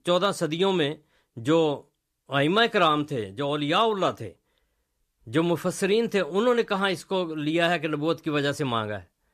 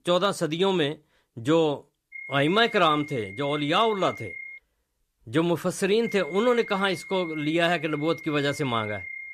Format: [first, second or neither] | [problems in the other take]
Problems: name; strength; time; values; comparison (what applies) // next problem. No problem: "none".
first | high-pitched whine; noticeable; from 2 to 4.5 s and from 6 s on; 2 kHz, 15 dB below the speech